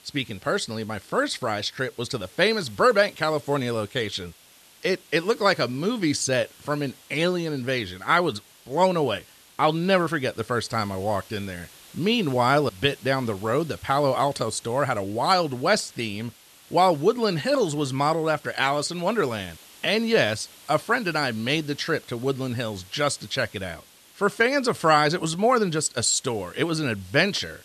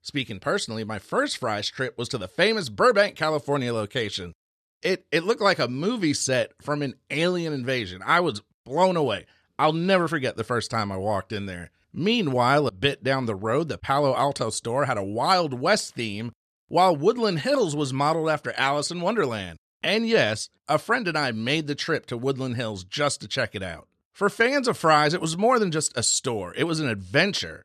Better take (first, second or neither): second